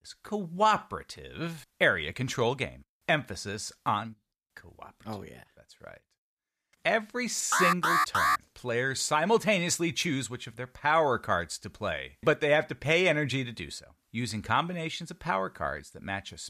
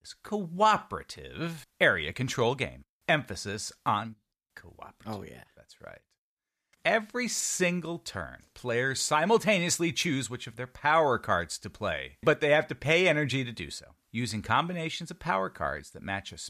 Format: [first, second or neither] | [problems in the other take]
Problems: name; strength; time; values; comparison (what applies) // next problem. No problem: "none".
second | alarm; loud; at 7.5 s; peak 4 dB above the speech